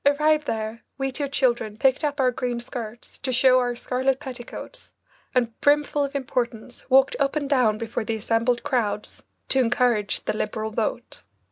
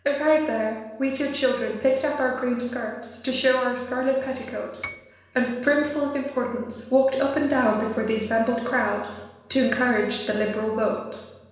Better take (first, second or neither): first